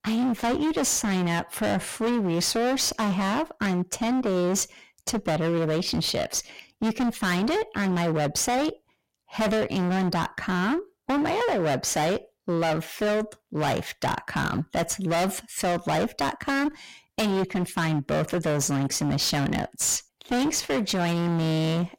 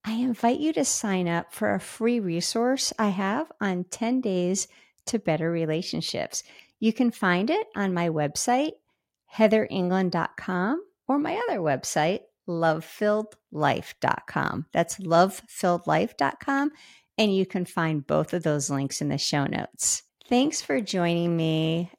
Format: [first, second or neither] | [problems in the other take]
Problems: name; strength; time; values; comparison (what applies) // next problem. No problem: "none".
second | distortion; heavy; 28% of the sound clipped